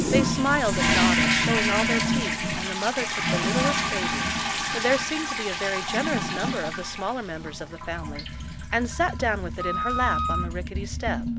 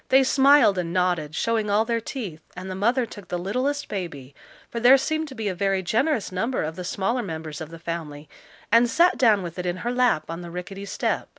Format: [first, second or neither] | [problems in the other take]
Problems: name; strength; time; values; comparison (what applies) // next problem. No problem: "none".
second | background sound (Toilet flush + Wind instrument, woodwind instrument); 3 dB above the speech